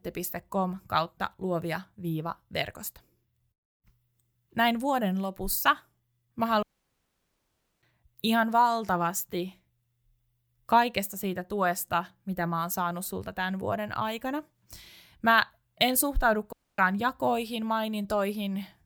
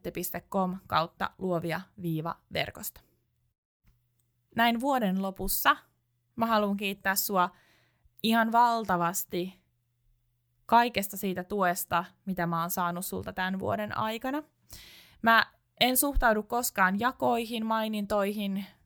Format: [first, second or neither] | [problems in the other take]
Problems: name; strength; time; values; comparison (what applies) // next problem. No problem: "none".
second | audio cutting out; at 6.5 s for 1 s and at 17 s